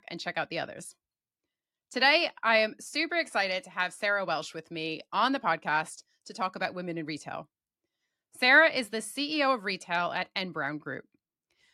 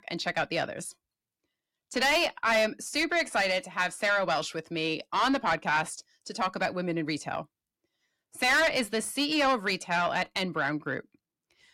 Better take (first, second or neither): first